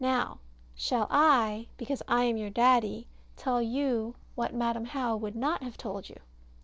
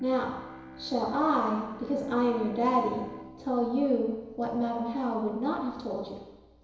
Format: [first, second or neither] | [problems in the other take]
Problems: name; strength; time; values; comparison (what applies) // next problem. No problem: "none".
first | background sound (Bowed string instrument); 19 dB below the speech // room echo; dies away in 1 s